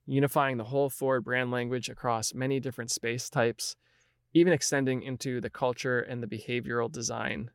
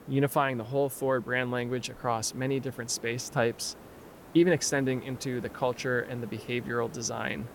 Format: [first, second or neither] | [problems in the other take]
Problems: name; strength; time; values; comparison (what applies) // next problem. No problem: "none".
first | hiss; noticeable; throughout; 20 dB below the speech